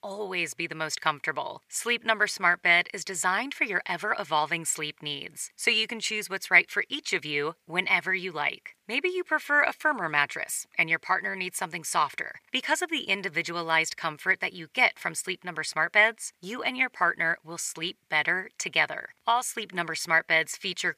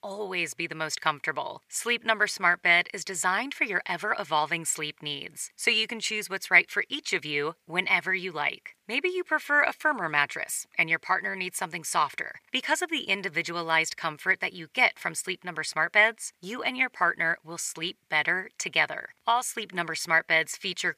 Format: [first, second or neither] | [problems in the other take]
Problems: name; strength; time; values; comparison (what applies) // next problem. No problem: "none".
neither | thin; somewhat; fading below 750 Hz; the same in both